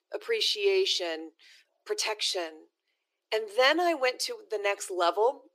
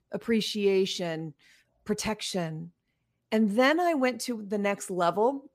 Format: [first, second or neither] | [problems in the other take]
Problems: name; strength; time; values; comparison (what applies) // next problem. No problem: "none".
second | thin; very; fading below 350 Hz